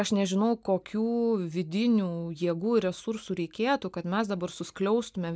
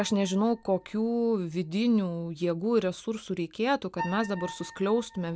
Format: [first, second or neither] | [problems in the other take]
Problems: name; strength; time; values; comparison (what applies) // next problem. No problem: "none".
first | background sound (Piano); 18 dB below the speech